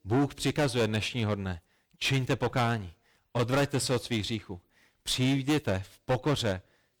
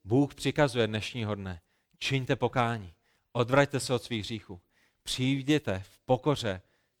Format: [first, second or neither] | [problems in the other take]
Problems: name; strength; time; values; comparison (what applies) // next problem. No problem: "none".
second | distortion; heavy; 10% of the sound clipped